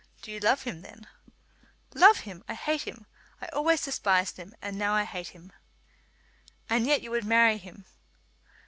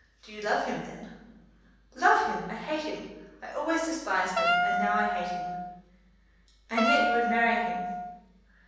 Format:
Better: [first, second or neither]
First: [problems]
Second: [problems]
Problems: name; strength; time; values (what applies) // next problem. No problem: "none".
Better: first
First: none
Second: background sound (Wind instrument, woodwind instrument); 1 dB above the speech // room echo; dies away in 1.1 s